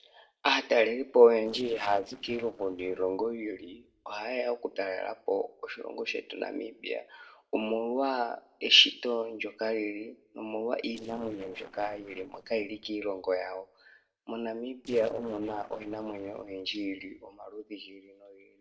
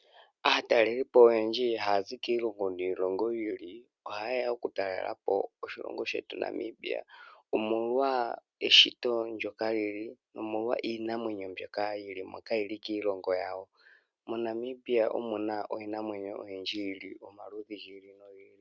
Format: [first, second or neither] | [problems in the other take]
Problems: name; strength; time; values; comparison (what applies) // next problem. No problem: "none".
second | noise reduction (neural separator model SepFormer DNS4)